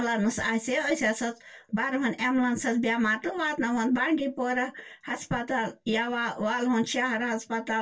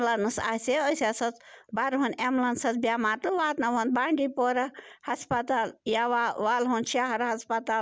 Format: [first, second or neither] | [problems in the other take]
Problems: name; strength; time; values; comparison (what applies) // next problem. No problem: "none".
second | room echo; dies away in 0.1 s